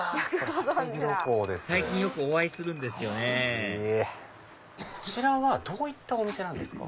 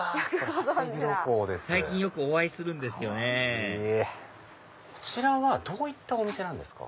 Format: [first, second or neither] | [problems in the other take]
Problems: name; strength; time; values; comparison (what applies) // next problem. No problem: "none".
second | background sound (Bell + Cough); 15 dB below the speech